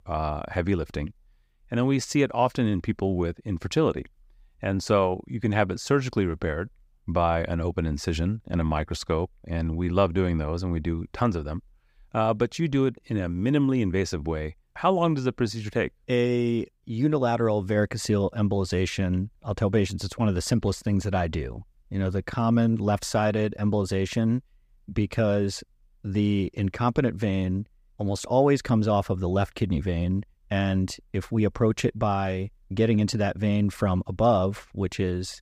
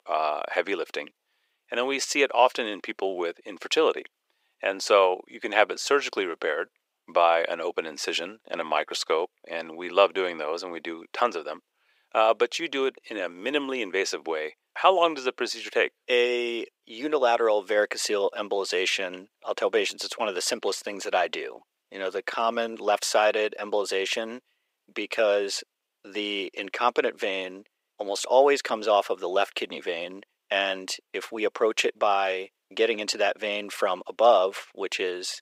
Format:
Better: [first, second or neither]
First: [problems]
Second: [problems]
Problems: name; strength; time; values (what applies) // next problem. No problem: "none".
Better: first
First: none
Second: thin; very; fading below 400 Hz